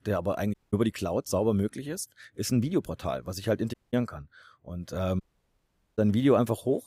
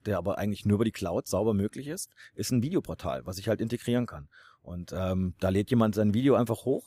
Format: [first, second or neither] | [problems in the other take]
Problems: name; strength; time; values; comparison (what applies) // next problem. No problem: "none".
second | audio cutting out; at 0.5 s, at 3.5 s and at 5 s for 1 s